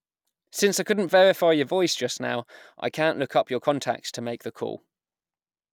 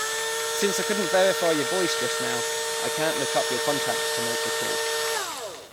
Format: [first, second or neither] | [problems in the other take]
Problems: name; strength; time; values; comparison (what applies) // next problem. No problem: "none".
first | background sound (Engine / Drill); 2 dB above the speech